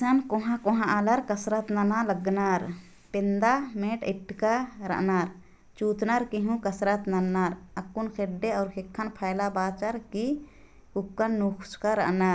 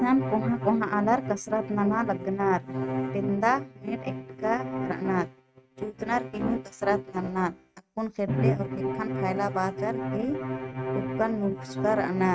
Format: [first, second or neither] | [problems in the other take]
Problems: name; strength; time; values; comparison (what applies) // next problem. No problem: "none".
first | noise reduction (neural mask model RNNoise)